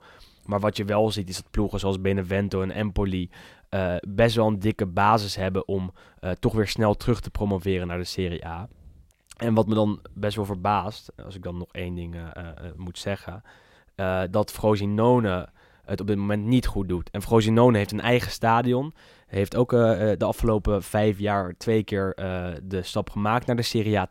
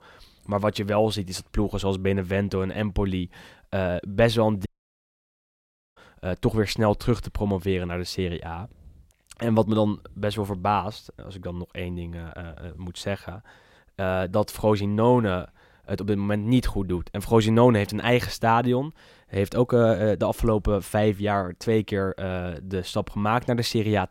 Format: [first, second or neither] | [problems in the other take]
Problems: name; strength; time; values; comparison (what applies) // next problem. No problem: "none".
first | audio cutting out; at 4.5 s for 1.5 s